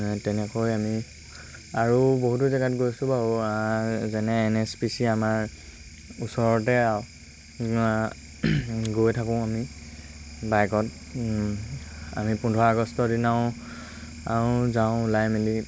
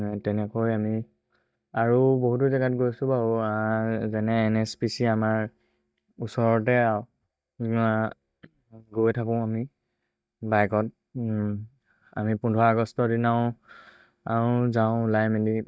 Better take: first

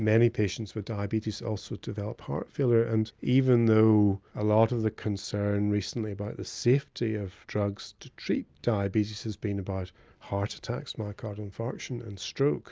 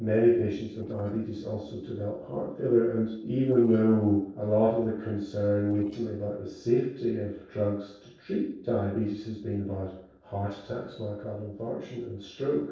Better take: first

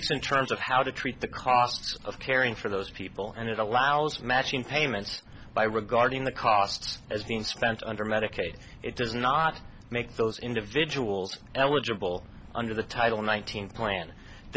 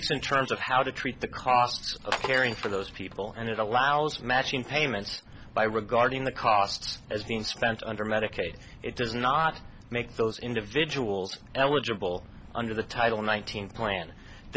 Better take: first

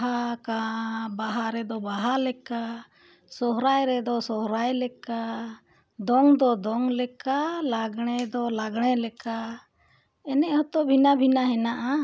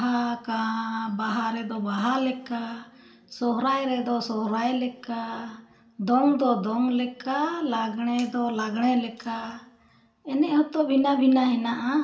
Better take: first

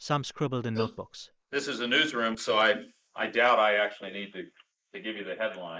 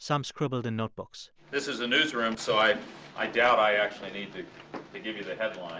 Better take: second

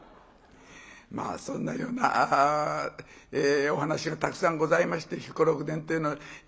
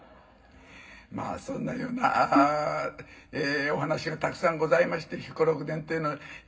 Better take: first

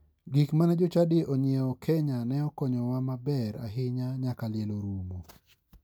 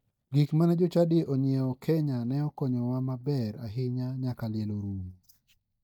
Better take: first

